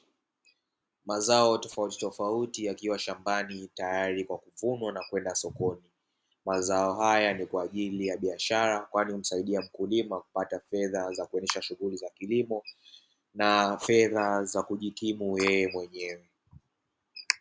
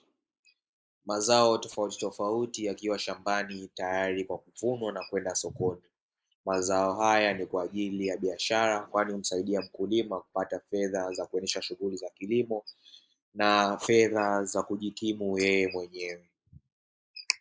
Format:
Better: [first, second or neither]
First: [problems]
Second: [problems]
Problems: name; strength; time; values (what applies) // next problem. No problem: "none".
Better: first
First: none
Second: noise reduction (neural mask model Resemble Enhance denoiser)